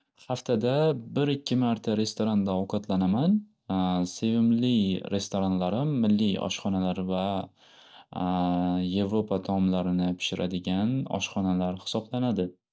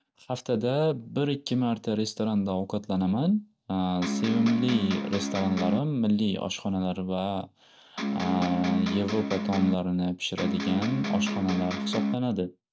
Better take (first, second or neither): first